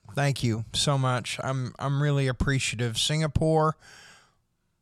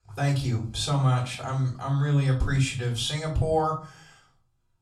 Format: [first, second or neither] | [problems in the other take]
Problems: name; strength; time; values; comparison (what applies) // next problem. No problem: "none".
first | room echo; slight; dies away in 0.3 s // off-mic speech; far